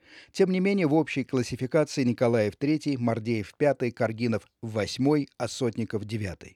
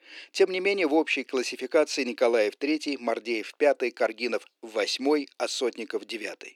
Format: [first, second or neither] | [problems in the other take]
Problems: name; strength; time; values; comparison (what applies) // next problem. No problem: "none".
first | thin; somewhat; fading below 300 Hz